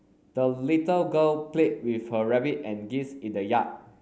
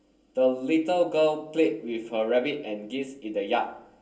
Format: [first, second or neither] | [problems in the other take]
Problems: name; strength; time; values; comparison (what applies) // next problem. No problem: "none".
first | room echo; dies away in 0.2 s